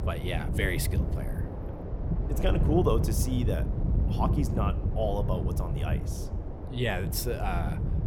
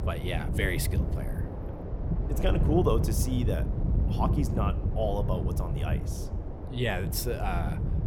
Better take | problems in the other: neither | wind noise on the microphone; heavy; 8 dB below the speech; the same in both

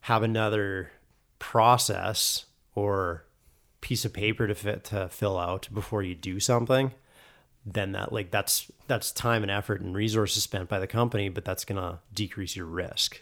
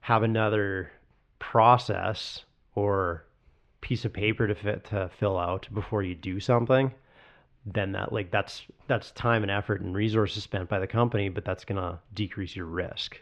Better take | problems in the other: first | muffled; slightly; fading above 3 kHz

